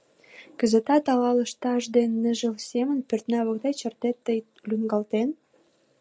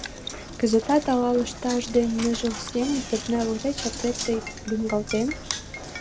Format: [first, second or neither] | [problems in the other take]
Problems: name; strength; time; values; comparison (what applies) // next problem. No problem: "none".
first | background sound (Knock); 10 dB below the speech